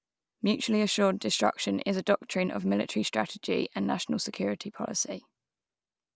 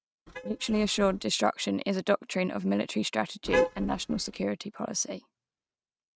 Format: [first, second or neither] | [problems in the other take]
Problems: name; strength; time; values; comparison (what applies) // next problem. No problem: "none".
first | noise reduction (neural mask model RNNoise)